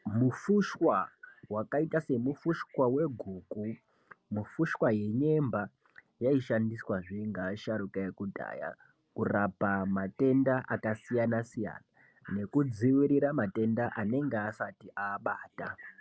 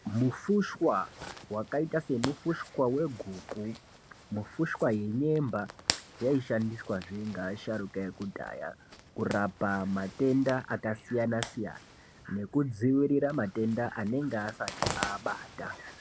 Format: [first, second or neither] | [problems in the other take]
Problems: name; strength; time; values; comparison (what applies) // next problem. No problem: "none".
first | background sound (Zipper (clothing)); 12 dB below the speech